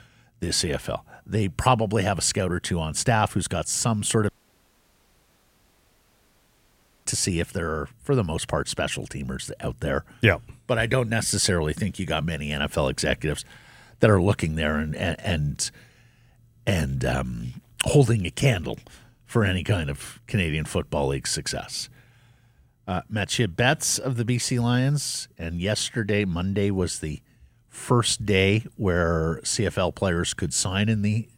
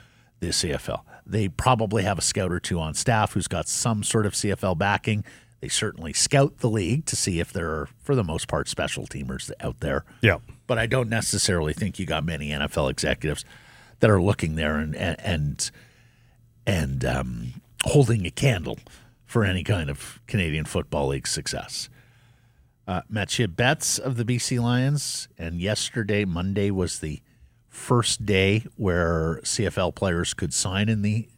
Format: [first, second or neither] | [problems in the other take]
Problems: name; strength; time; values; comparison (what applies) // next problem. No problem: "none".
second | audio cutting out; at 4.5 s for 3 s